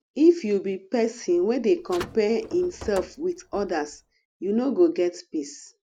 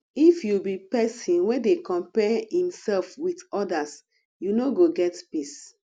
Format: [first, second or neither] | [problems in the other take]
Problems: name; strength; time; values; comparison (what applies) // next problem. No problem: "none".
second | background sound (Car); 17 dB below the speech